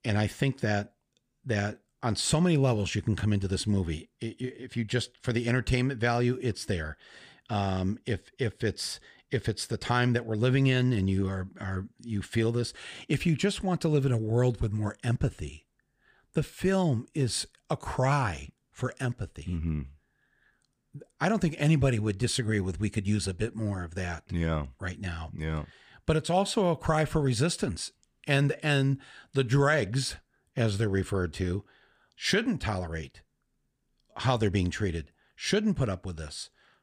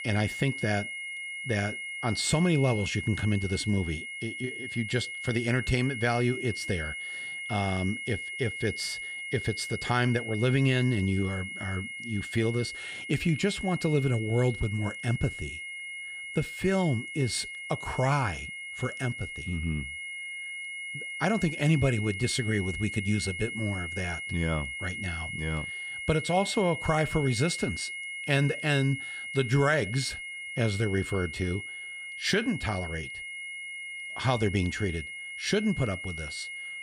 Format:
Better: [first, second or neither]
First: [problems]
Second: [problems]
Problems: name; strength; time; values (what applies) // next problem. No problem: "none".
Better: first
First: none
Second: high-pitched whine; loud; throughout; 2 kHz, 6 dB below the speech